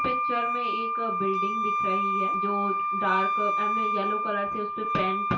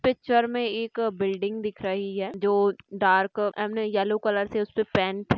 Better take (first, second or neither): second